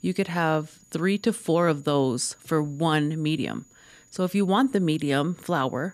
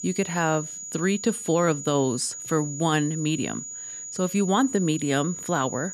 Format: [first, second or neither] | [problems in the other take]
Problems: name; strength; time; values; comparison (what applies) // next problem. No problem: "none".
first | high-pitched whine; loud; throughout; 7 kHz, 9 dB below the speech; faint in the first